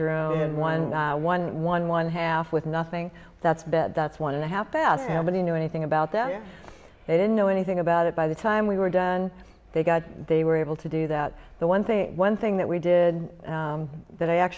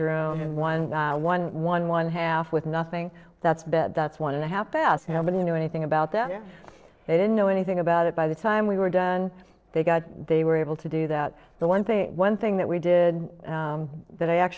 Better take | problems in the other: first | noise reduction (neural separator model SepFormer DNS4)

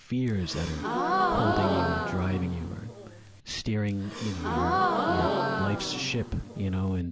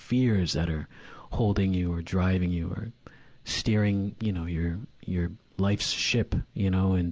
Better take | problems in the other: second | background sound (Gasp); 1 dB above the speech

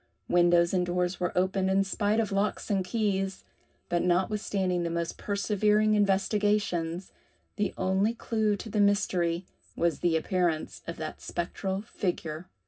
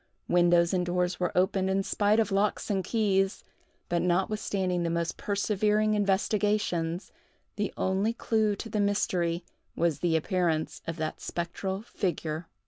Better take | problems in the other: second | room echo; dies away in 0.4 s

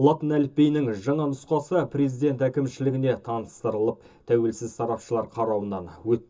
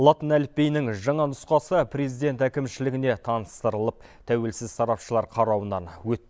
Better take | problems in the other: second | room echo; dies away in 0.2 s

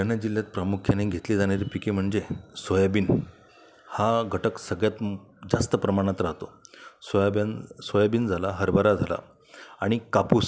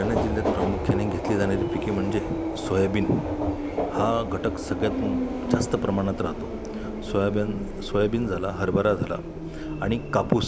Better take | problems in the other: first | background sound (Subway, metro, underground); 3 dB below the speech

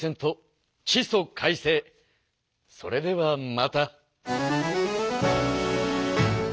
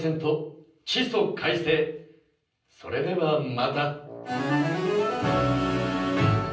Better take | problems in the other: first | background sound (Wind instrument, woodwind instrument); 19 dB below the speech // room echo; dies away in 0.6 s

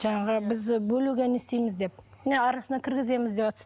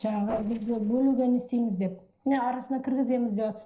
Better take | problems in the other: first | noise reduction (neural separator model SepFormer DNS4)

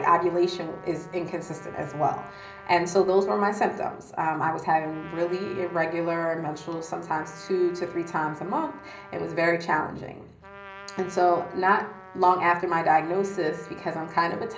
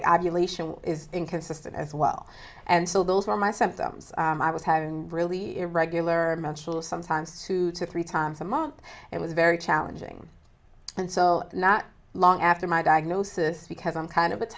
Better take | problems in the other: second | background sound (Trumpet); 19 dB below the speech // room echo; dies away in 0.5 s

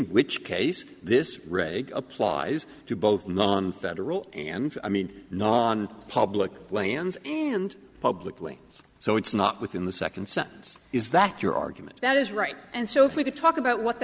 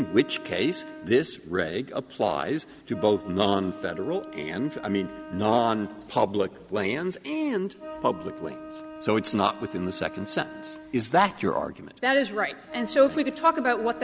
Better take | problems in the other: first | background sound (Wind instrument, woodwind instrument); 15 dB below the speech

